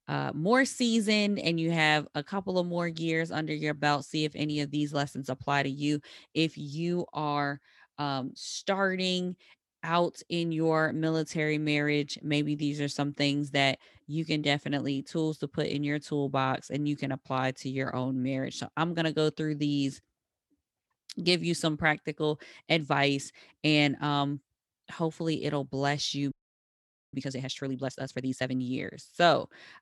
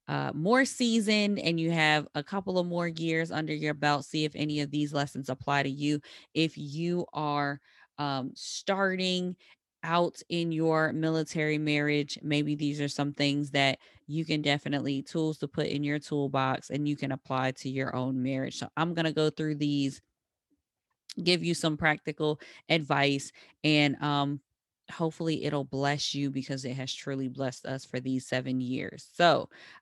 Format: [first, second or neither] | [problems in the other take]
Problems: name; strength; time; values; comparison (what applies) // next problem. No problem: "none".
second | audio freezing; at 26 s for 1 s